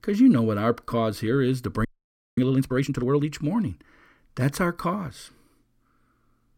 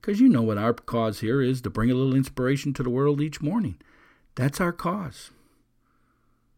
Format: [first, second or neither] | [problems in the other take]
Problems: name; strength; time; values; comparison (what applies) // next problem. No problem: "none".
second | audio freezing; at 2 s for 0.5 s